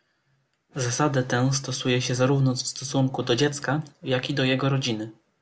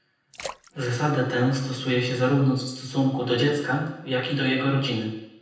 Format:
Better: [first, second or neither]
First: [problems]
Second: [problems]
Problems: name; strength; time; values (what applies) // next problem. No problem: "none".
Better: first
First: none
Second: background sound (Splash, splatter); 19 dB below the speech // room echo; dies away in 0.9 s